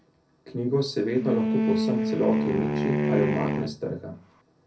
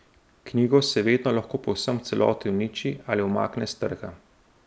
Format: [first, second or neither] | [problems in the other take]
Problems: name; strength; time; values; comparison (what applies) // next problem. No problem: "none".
second | background sound (Wind instrument, woodwind instrument); 2 dB above the speech // room echo; dies away in 0.3 s